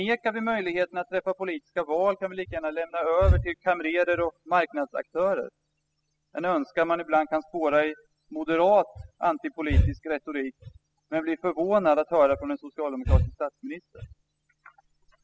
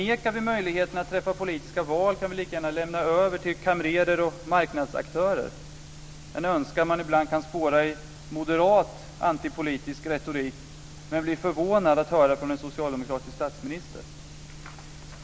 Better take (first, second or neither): second